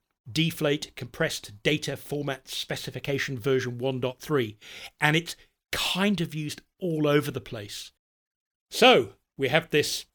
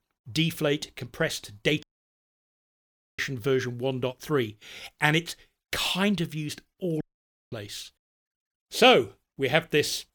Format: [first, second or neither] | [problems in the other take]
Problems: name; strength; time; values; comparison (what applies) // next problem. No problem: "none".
first | audio cutting out; at 2 s for 1.5 s and at 7 s for 0.5 s